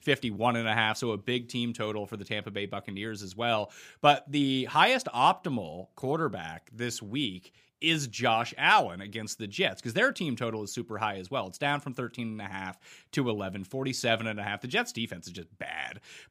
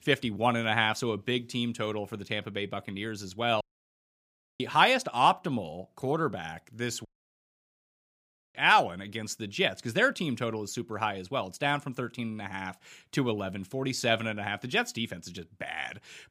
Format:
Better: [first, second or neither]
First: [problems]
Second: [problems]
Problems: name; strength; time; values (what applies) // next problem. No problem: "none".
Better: first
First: none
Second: audio cutting out; at 3.5 s for 1 s and at 7 s for 1.5 s